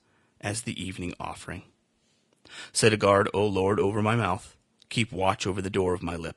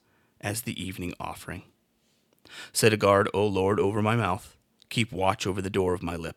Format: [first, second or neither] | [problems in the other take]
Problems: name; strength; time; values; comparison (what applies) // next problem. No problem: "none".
second | garbled, watery; slightly; nothing above 10.5 kHz